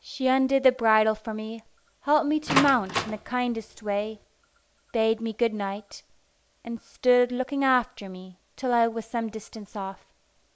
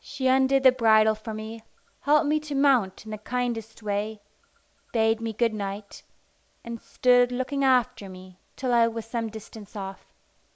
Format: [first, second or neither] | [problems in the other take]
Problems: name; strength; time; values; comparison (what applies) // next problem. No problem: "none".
second | background sound (Door); 5 dB below the speech